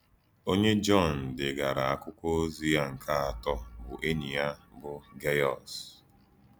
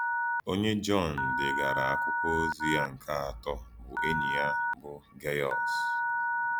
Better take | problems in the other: first | background sound (Telephone); 2 dB above the speech

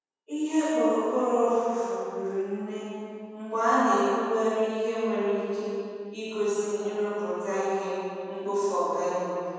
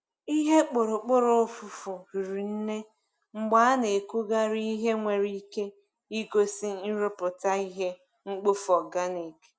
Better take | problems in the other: second | room echo; dies away in 2.1 s

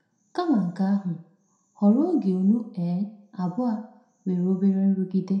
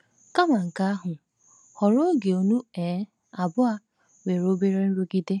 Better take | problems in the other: second | room echo; dies away in 0.5 s

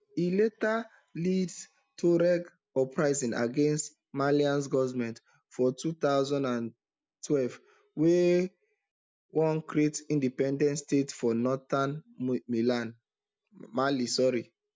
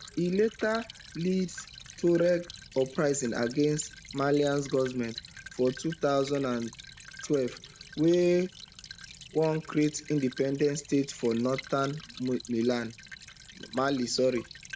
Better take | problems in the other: first | background sound (Stream / Trickle, dribble); 18 dB below the speech

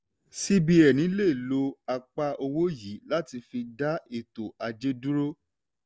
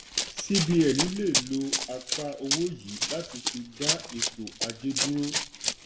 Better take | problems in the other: first | background sound (Run); 1 dB below the speech // room echo; dies away in 0.6 s

